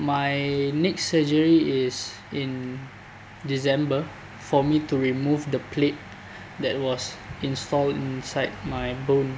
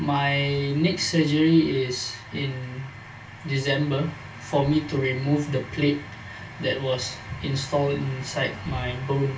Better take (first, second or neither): first